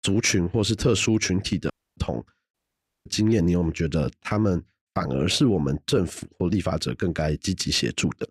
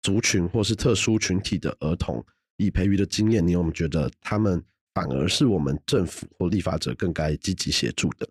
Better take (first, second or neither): second